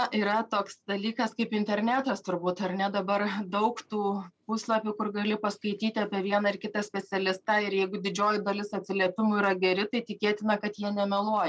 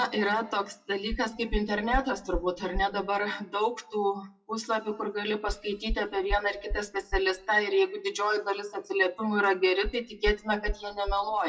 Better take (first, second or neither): first